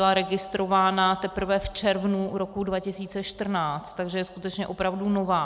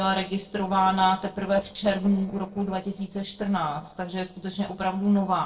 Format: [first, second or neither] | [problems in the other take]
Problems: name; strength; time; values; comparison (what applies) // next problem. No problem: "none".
first | noise reduction (neural separator model SepFormer DNS4)